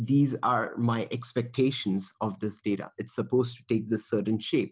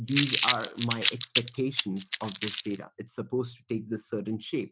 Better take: first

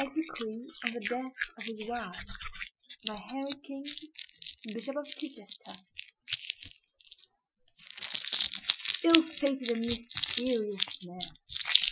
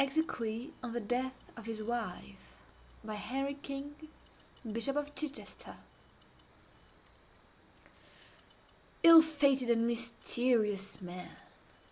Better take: second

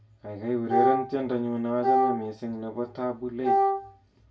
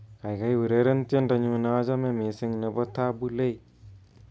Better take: second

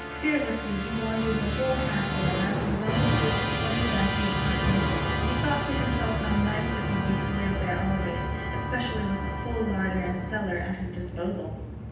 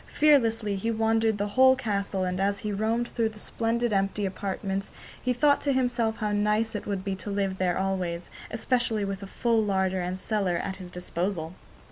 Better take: second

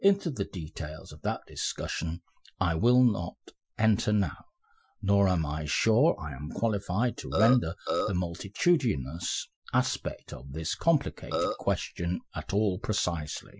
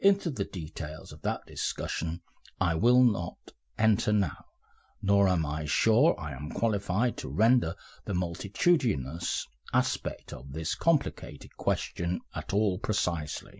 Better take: second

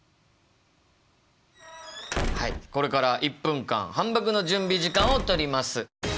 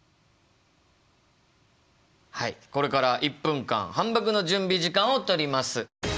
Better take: second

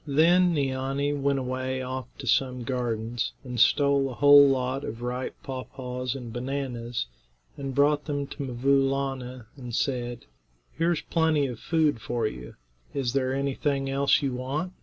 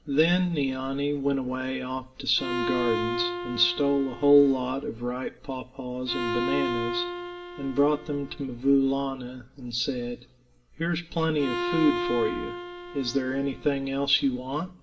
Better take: first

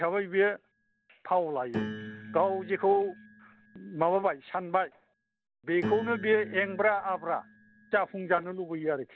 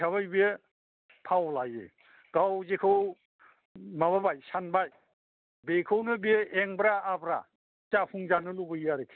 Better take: second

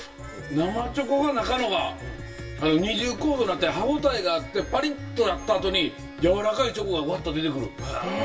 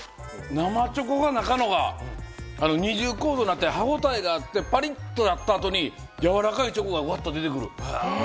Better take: second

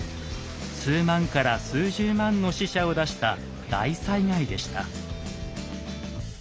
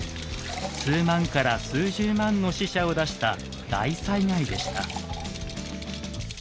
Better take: first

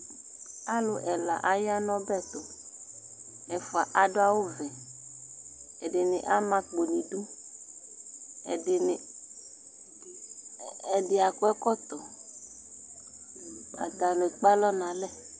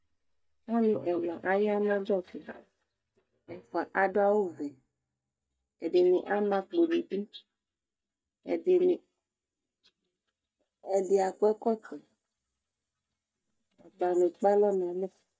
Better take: first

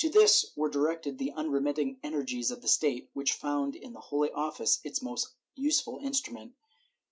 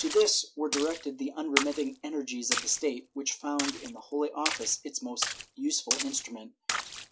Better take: first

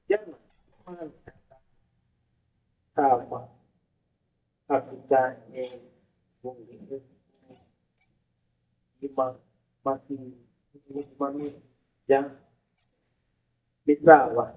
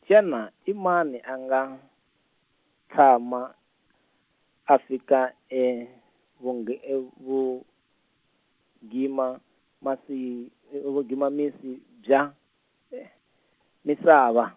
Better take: second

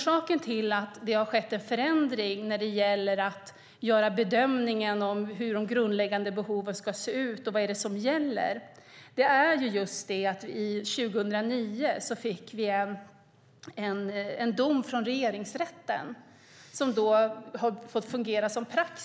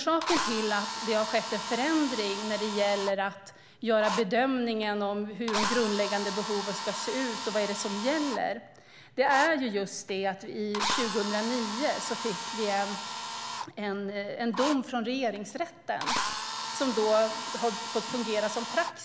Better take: first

